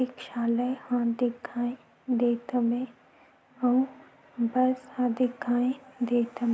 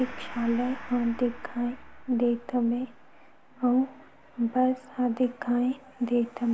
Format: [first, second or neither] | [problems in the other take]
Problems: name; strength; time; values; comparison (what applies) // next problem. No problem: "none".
first | background sound (Gong); 17 dB below the speech